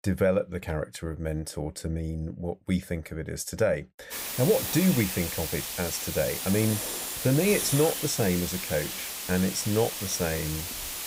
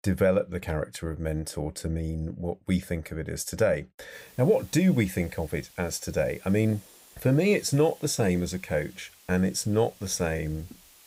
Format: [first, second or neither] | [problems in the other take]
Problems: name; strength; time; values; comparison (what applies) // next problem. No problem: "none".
second | hiss; loud; from 4 s on; 3 dB below the speech; faint in the second